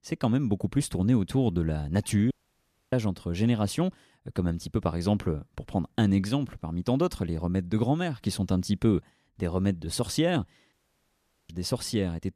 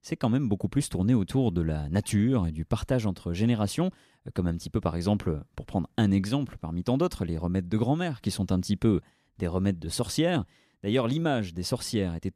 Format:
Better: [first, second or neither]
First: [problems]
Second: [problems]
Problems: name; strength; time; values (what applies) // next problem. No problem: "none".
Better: second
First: audio cutting out; at 2.5 s for 0.5 s and at 11 s for 1 s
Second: none